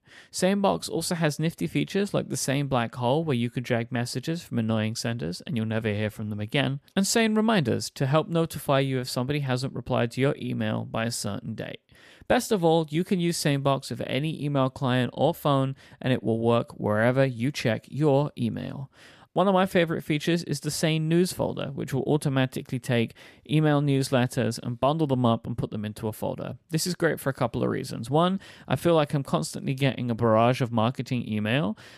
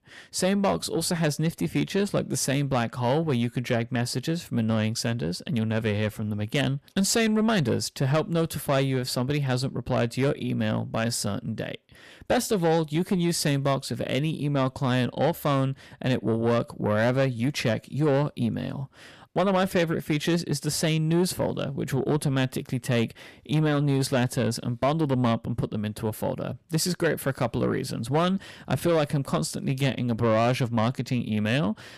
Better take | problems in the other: first | distortion; slight; 10 dB below the speech

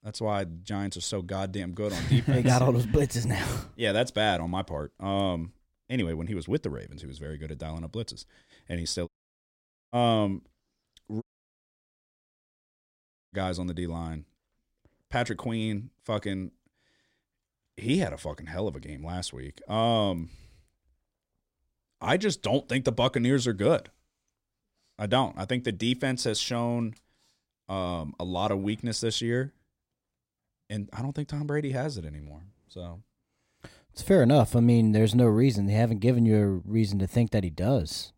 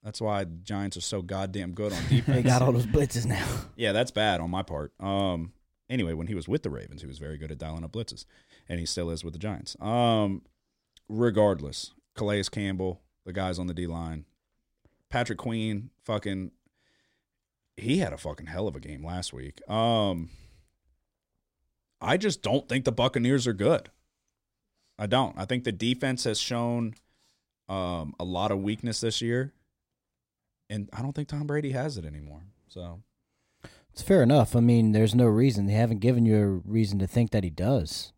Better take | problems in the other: second | audio cutting out; at 9 s for 1 s and at 11 s for 2 s

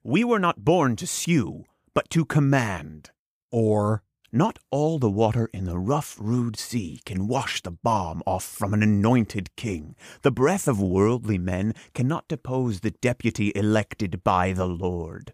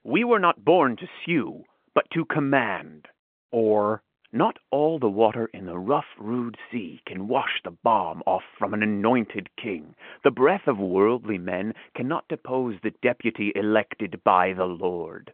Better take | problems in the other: first | phone-call audio

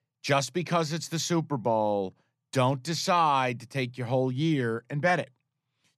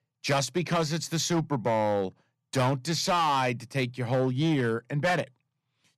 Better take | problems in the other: first | distortion; slight; 7% of the sound clipped

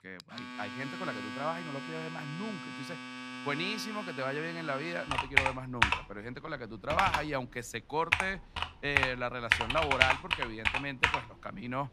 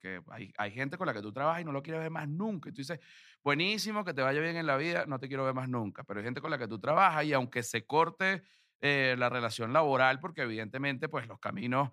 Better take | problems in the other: second | household noises; very loud; throughout; 4 dB above the speech

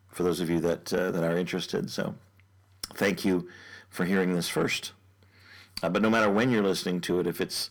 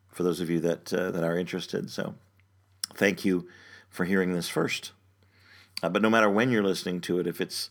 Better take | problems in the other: second | distortion; slight; 10 dB below the speech

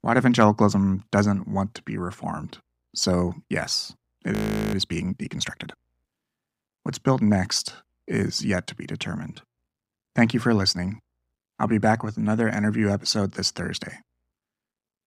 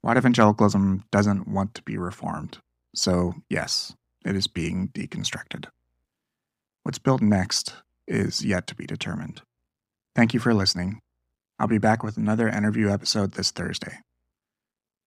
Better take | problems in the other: second | audio freezing; at 4.5 s

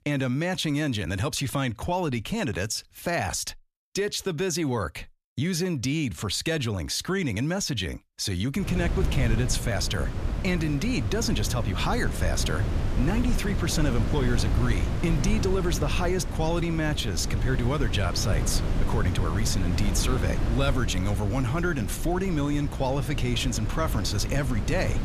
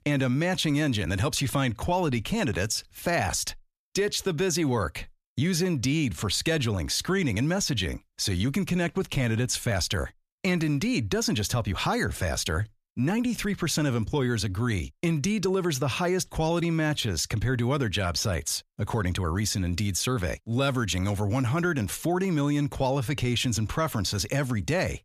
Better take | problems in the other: second | wind noise on the microphone; heavy; from 8.5 s on; 8 dB below the speech

